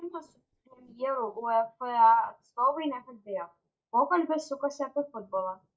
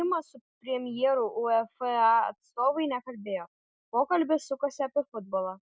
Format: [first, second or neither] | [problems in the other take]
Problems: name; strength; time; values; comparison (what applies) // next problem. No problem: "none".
second | noise reduction (neural mask model DeepFilterNet 3)